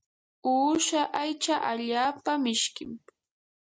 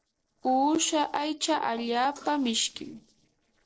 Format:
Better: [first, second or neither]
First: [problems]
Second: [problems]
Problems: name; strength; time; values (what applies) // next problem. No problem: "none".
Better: first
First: none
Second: noise reduction (neural separator model SepFormer DNS4)